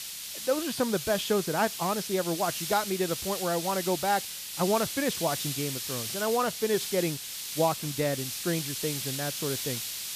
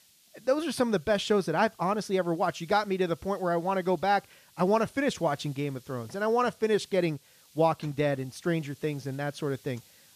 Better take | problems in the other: second | hiss; loud; throughout; 3 dB below the speech; faint in the second

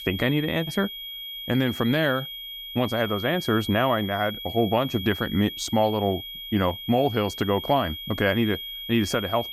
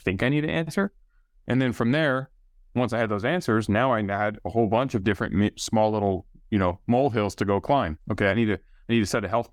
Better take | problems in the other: second | high-pitched whine; loud; throughout; 3.5 kHz, 9 dB below the speech

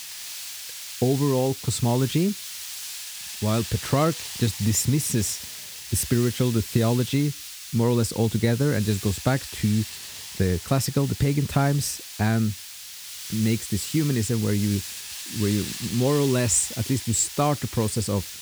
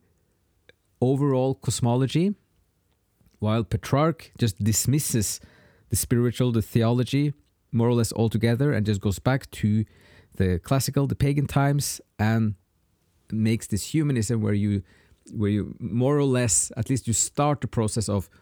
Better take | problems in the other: second | hiss; loud; throughout; 9 dB below the speech

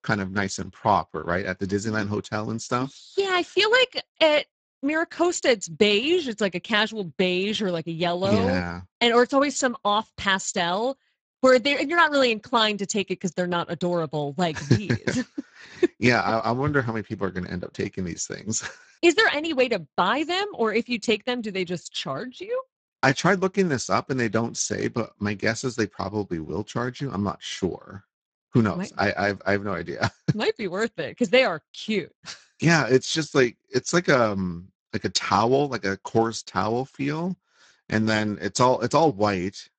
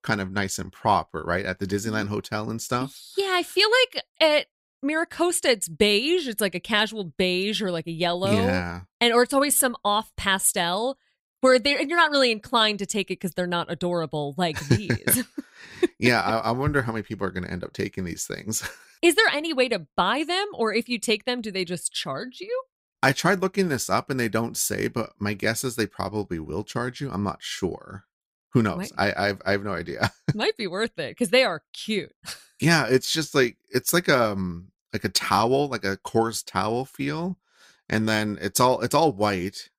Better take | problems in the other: second | garbled, watery; badly; nothing above 7.5 kHz

